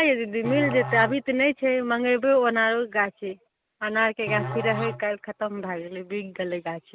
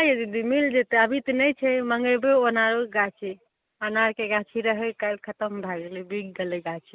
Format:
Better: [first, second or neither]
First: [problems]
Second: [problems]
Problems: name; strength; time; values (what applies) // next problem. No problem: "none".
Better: second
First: background sound (Musical instrument); 11 dB below the speech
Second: none